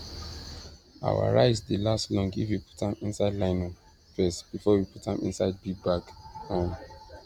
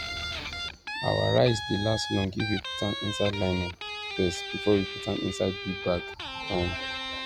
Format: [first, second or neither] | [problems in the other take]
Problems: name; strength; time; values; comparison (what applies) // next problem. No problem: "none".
first | background sound (Guitar); 6 dB below the speech